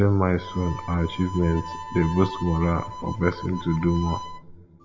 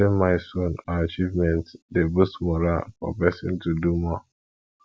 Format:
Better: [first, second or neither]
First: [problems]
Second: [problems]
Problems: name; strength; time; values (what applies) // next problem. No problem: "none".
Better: second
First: background sound (Harmonica); 12 dB below the speech // room echo; dies away in 1.2 s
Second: none